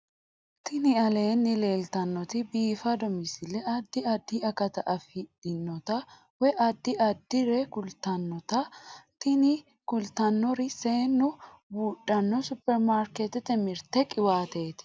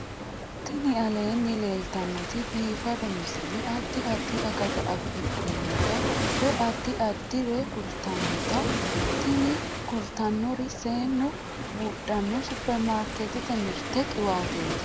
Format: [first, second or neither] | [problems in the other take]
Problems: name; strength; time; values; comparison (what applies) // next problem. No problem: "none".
first | background sound (Waves, surf); 1 dB below the speech